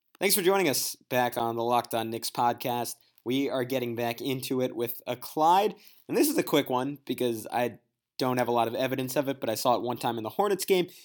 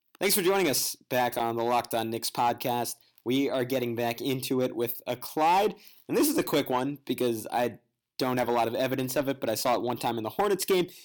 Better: first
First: none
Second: distortion; slight; 5% of the sound clipped

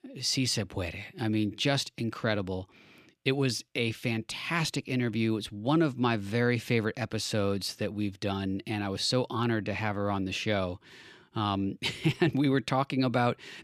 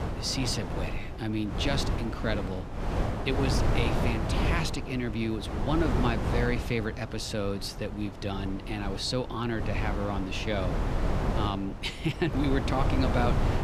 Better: first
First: none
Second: wind noise on the microphone; heavy; 3 dB below the speech

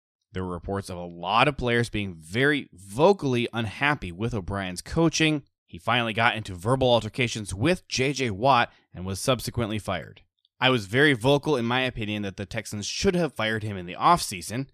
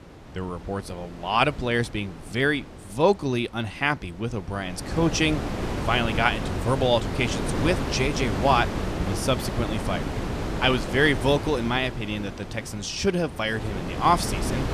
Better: first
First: none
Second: wind noise on the microphone; heavy; 8 dB below the speech

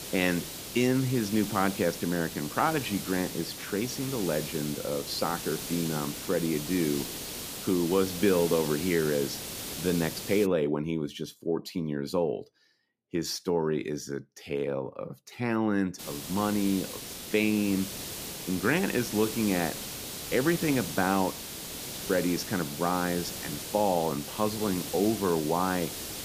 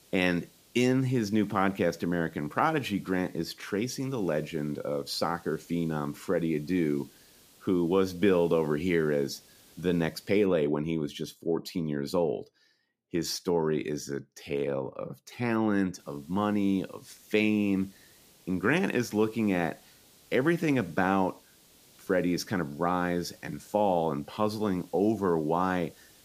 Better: second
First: hiss; loud; until 10 s and from 16 s on; 7 dB below the speech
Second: hiss; faint; until 10 s and from 16 s on; 25 dB below the speech

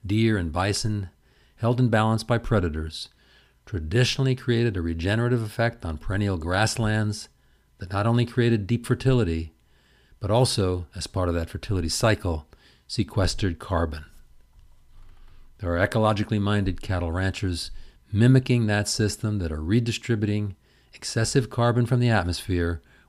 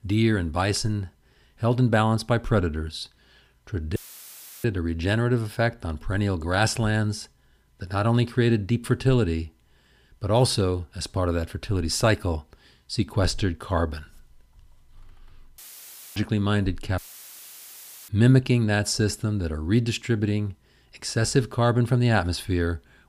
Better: first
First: none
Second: audio cutting out; filled with static; at 4 s for 0.5 s, at 16 s for 0.5 s and at 17 s for 1 s

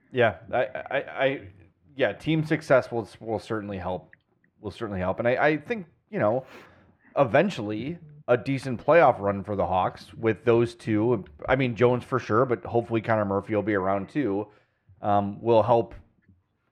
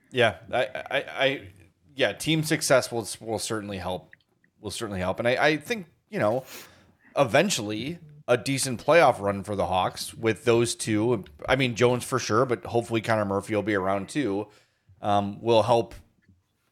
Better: second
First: muffled; very; fading above 4 kHz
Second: none

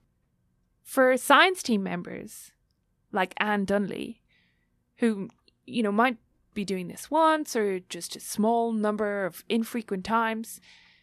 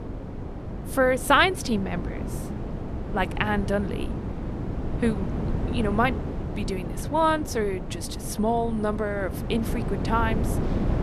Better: first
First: none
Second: wind noise on the microphone; occasional gusts; 10 dB below the speech

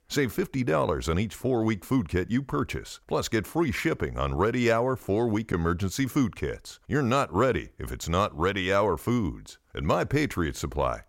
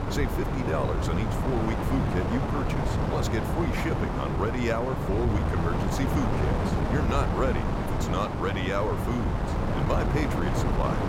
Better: first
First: none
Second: wind noise on the microphone; heavy; as loud as the speech

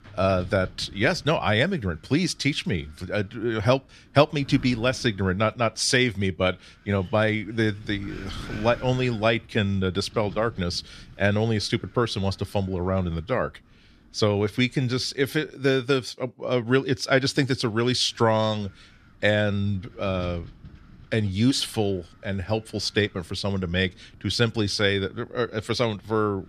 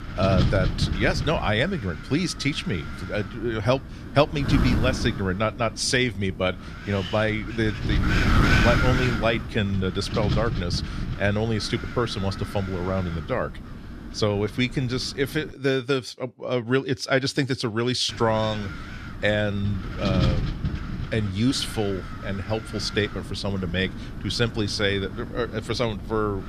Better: first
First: wind noise on the microphone; occasional gusts; until 16 s and from 18 s on; 25 dB below the speech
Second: wind noise on the microphone; heavy; until 16 s and from 18 s on; 6 dB below the speech

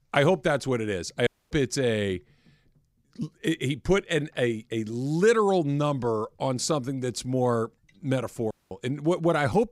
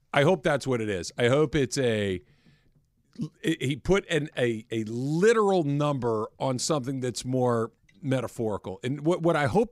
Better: second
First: audio cutting out; at 1.5 s and at 8.5 s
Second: none

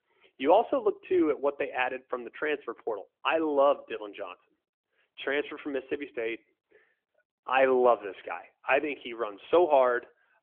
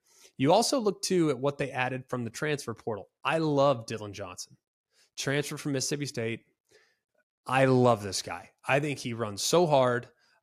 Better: second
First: phone-call audio; nothing above 3.5 kHz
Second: none

